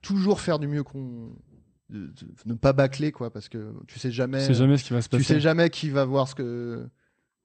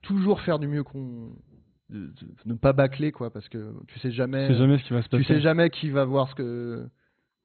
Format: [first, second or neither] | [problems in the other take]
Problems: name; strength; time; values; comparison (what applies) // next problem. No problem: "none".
first | garbled, watery; badly; nothing above 4 kHz; slightly in the first